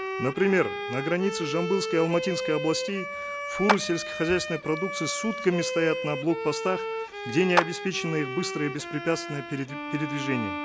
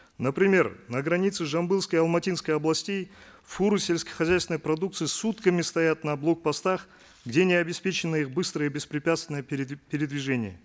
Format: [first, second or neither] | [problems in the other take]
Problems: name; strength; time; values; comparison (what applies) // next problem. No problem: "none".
second | background sound (Bowed string instrument + Clapping); 4 dB below the speech